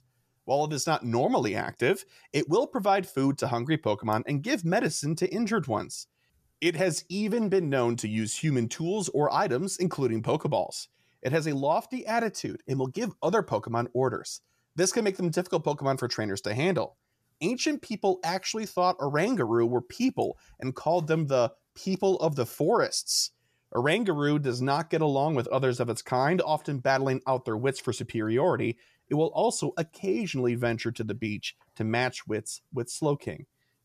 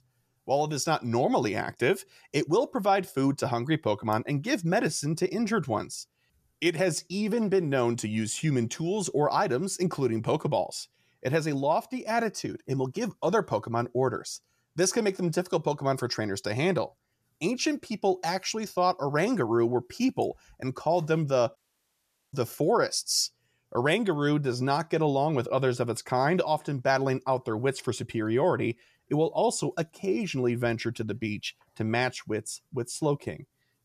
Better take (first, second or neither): first